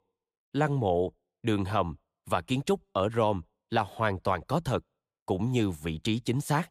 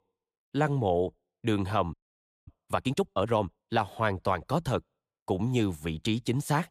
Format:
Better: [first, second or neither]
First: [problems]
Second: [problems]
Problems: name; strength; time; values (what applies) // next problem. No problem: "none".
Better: first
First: none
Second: audio freezing; at 2 s for 0.5 s